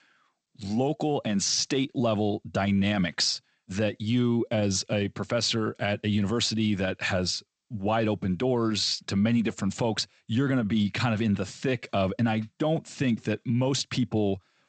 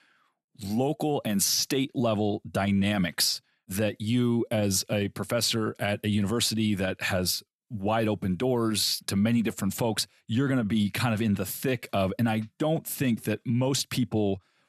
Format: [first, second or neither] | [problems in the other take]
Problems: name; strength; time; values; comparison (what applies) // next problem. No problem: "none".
second | garbled, watery; slightly; nothing above 8 kHz